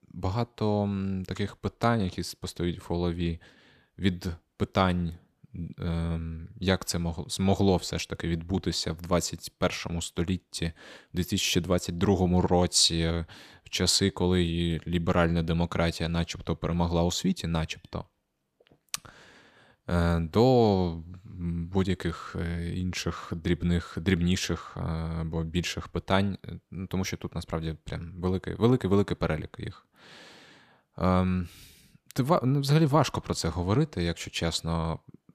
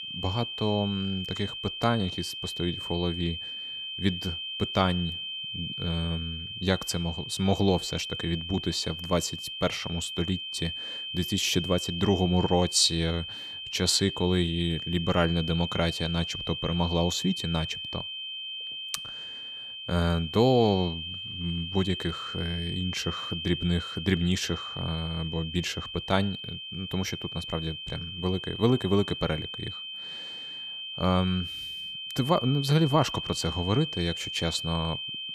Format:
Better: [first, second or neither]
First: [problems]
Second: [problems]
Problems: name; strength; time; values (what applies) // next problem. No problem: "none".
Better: first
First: none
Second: high-pitched whine; loud; throughout; 3 kHz, 6 dB below the speech